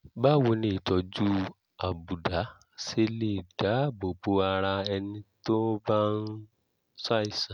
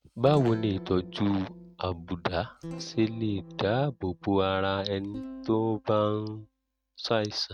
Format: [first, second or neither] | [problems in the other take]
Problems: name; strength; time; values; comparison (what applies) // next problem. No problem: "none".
first | noise reduction (neural mask model RNNoise)